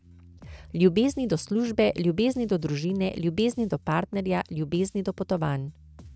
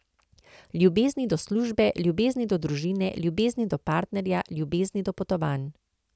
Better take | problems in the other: second | noise reduction (neural mask model RNNoise)

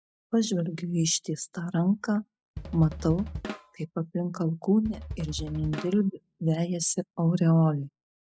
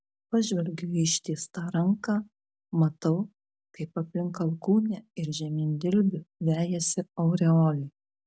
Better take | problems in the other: second | noise reduction (classical method spectral subtraction)

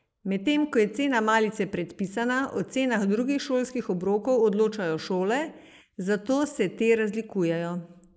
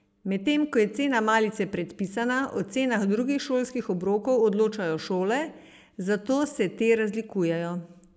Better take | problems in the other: second | noise reduction (neural mask model Resemble Enhance denoiser)

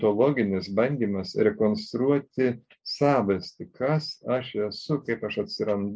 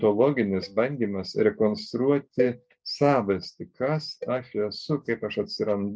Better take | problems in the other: first | noise reduction (neural mask model DeepFilterNet 3)

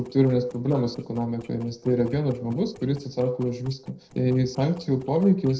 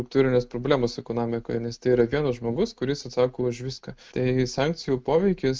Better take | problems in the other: second | noise reduction (neural separator model SepFormer DNS4)

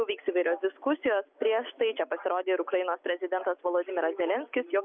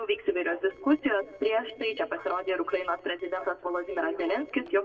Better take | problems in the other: first | noise reduction (neural separator model SepFormer DNS4)

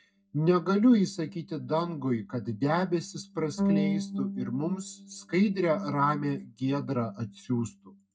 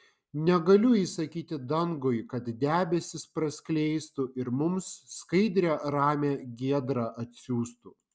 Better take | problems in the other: second | noise reduction (neural mask model DeepFilterNet 3)

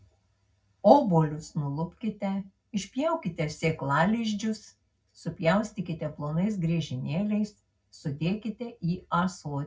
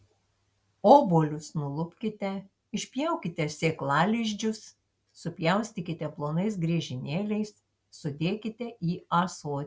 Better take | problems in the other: second | room echo; dies away in 0.4 s

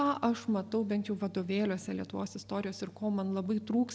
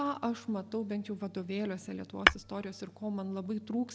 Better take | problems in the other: first | background sound (Tap / Hammer); 4 dB above the speech

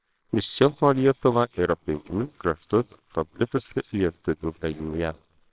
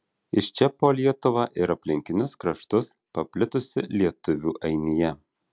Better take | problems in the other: second | noise reduction (neural separator model SepFormer WHAMR!)

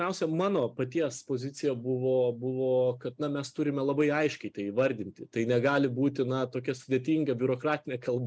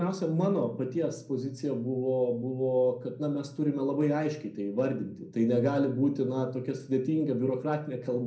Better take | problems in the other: first | room echo; dies away in 0.6 s

